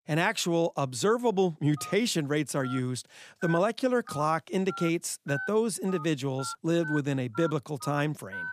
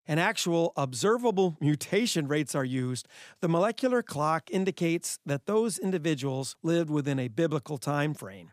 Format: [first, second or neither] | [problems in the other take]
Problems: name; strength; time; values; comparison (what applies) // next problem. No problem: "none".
second | phone ringing; noticeable; from 2 s on; peak 8 dB below the speech